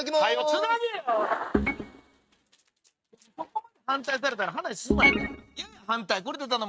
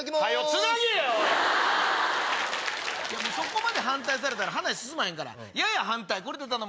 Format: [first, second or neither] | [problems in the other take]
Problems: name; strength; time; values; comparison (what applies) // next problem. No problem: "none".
second | noise reduction (neural mask model RNNoise)